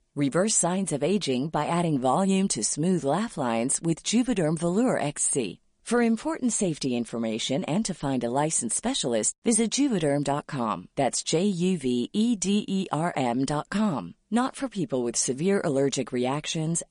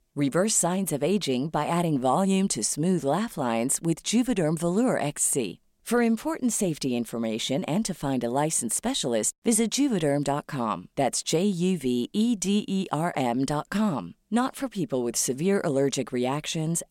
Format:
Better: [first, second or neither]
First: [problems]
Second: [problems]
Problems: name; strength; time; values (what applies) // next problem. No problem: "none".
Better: second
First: garbled, watery; slightly; nothing above 9.5 kHz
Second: none